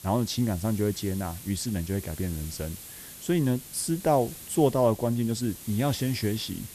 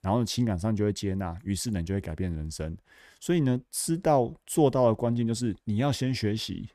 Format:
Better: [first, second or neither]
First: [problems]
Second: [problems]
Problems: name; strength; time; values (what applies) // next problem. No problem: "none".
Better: second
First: hiss; noticeable; throughout; 15 dB below the speech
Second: none